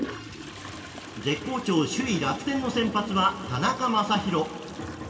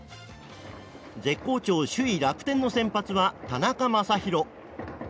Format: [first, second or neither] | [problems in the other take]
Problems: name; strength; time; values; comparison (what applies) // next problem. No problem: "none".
second | background sound (Toilet flush); 15 dB below the speech // room echo; dies away in 1.9 s